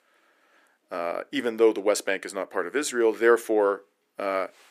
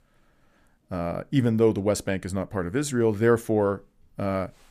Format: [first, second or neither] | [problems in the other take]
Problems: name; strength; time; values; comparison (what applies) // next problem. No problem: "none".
second | thin; somewhat; fading below 350 Hz